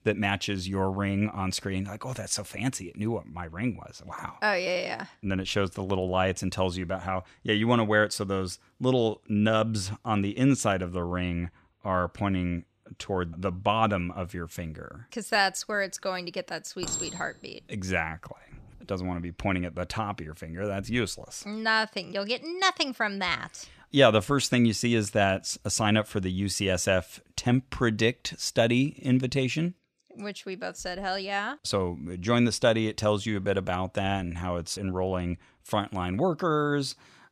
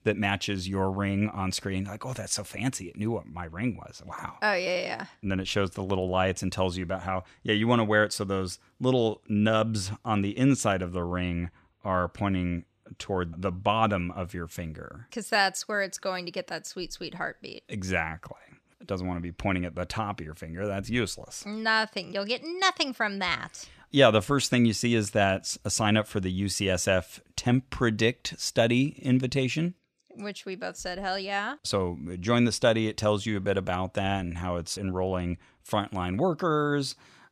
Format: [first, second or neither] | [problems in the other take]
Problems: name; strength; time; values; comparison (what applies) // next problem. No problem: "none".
second | clattering dishes; noticeable; from 17 to 19 s; peak 4 dB below the speech